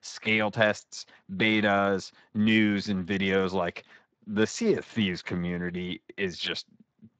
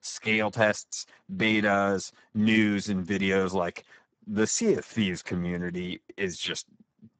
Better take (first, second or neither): first